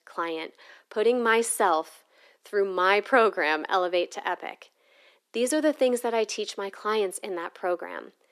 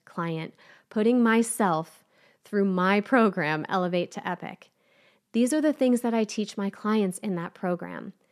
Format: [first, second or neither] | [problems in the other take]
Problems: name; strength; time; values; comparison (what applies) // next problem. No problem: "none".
second | thin; somewhat; fading below 300 Hz